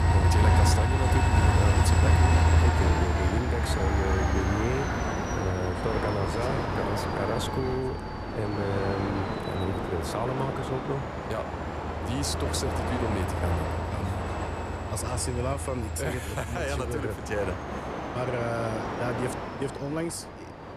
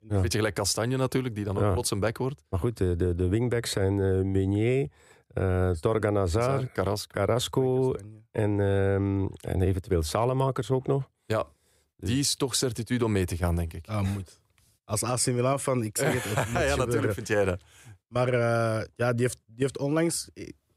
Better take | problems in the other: second | train or aircraft noise; very loud; throughout; 4 dB above the speech

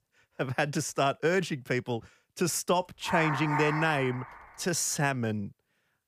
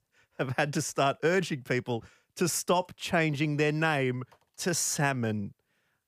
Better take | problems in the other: second | dog barking; noticeable; from 3 to 4.5 s; peak 2 dB below the speech

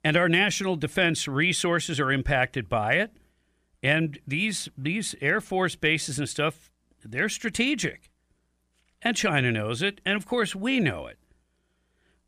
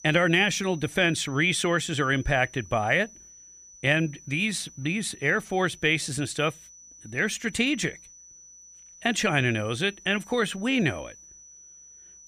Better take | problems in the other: first | high-pitched whine; faint; throughout; 6 kHz, 20 dB below the speech

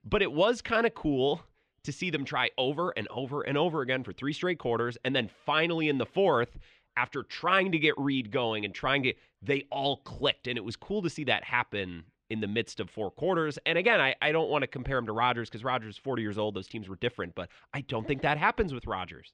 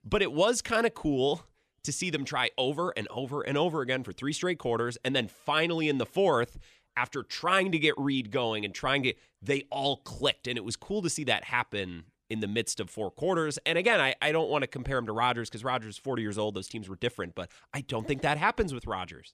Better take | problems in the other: second | muffled; slightly; fading above 3 kHz

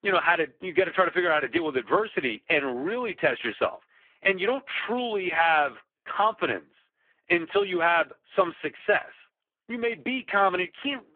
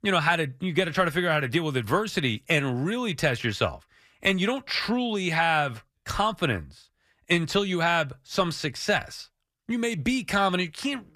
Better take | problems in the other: second | phone-call audio; poor line

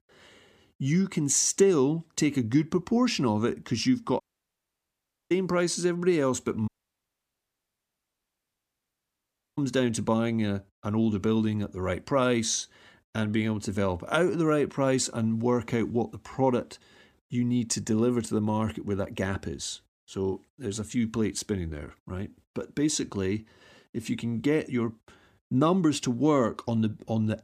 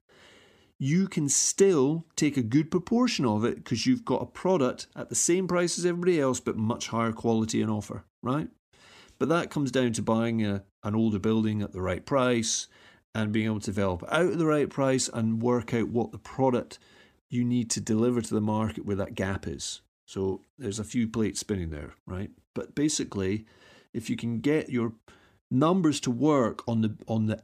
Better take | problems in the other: second | audio cutting out; at 4 s for 1 s and at 6.5 s for 3 s

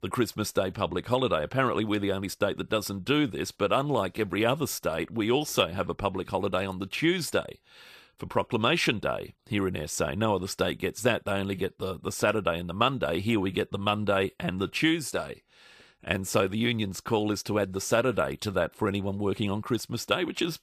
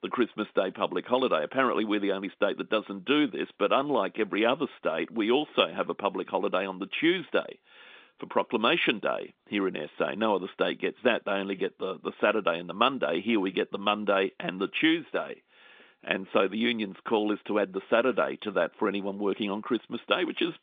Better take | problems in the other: first | phone-call audio; nothing above 3.5 kHz

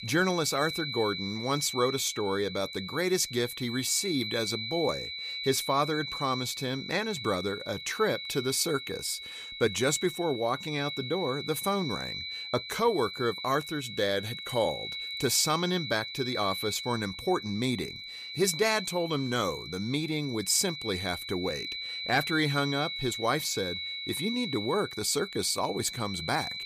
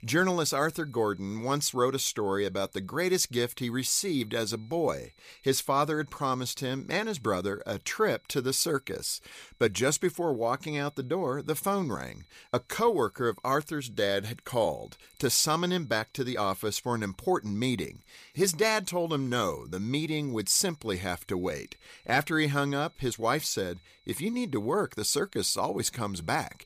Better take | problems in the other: second | high-pitched whine; loud; throughout; 4 kHz, 6 dB below the speech; faint in the second

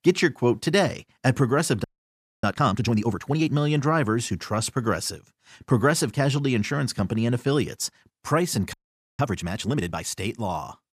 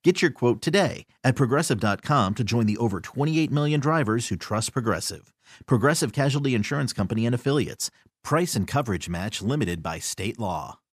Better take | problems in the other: second | audio freezing; at 2 s for 0.5 s and at 8.5 s

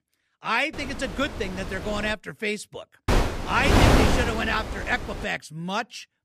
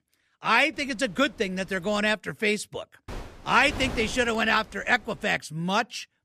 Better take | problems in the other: second | wind noise on the microphone; heavy; from 0.5 to 2 s and from 3 to 5 s; as loud as the speech; occasional gusts in the second

